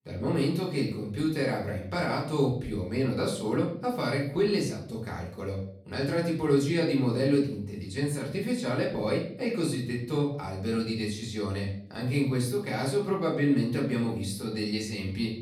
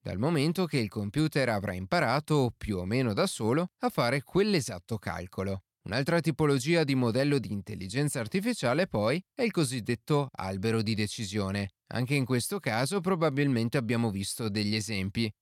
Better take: second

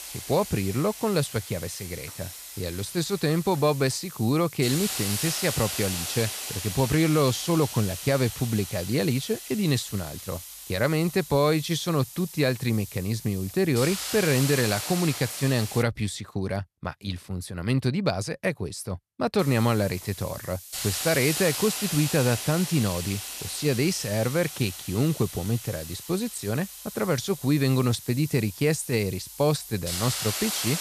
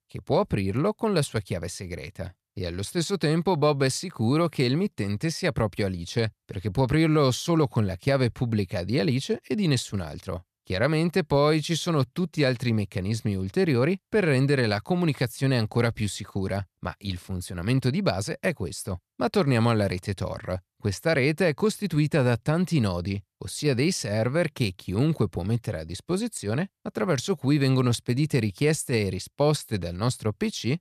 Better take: second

